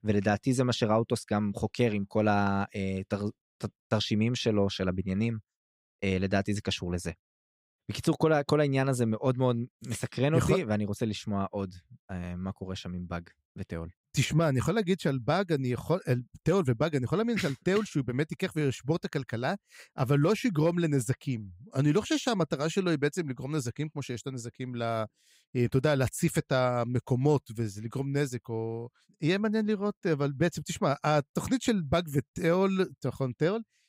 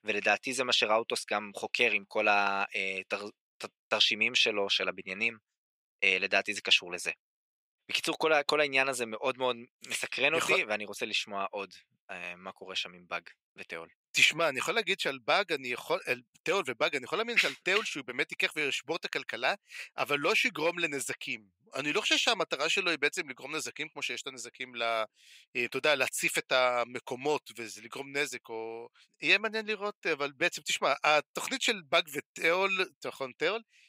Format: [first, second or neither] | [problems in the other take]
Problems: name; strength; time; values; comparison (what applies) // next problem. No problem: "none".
first | thin; very; fading below 600 Hz